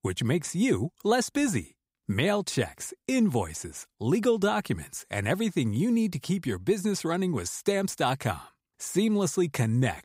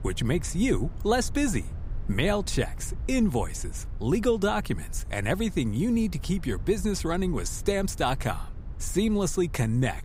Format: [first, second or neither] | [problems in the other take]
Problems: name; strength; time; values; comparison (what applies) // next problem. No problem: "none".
first | low rumble; faint; throughout; 25 dB below the speech